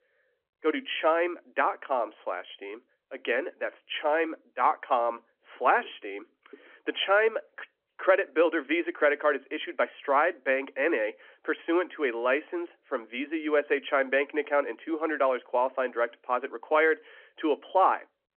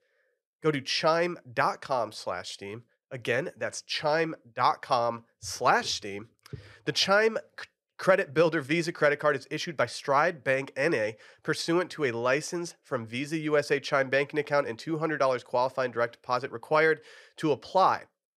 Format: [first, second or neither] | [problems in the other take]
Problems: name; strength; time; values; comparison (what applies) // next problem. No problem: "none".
second | phone-call audio; nothing above 3.5 kHz